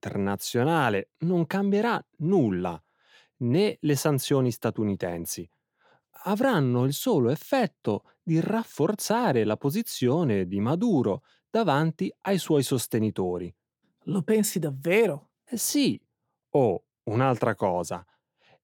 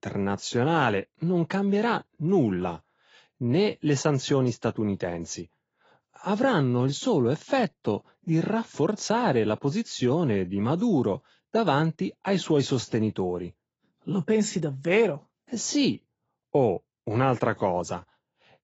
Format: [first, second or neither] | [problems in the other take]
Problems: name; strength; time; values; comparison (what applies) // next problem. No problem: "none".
first | garbled, watery; badly; nothing above 7.5 kHz